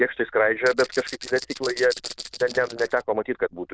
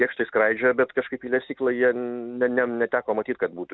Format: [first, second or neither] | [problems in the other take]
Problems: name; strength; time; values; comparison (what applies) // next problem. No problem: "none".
second | noise reduction (neural diffusion model UNIVERSE++)